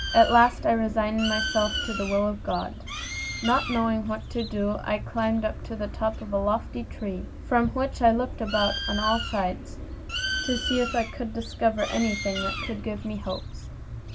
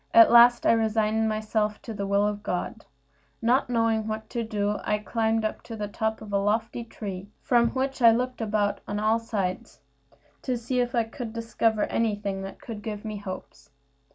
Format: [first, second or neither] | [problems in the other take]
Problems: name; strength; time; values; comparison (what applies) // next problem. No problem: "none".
second | background sound (Bird); 7 dB below the speech